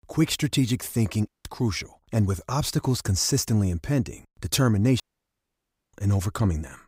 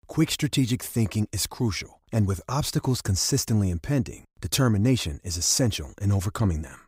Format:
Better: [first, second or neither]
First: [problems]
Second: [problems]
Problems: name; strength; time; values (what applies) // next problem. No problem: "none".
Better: second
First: audio cutting out; at 1.5 s and at 5 s for 1 s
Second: none